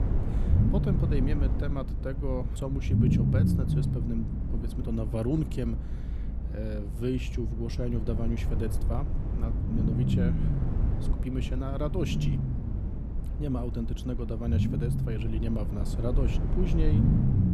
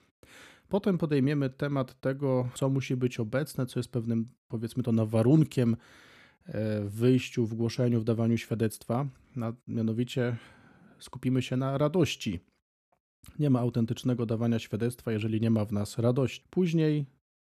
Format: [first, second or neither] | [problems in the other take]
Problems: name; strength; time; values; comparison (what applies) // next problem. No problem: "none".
second | low rumble; loud; throughout; 2 dB below the speech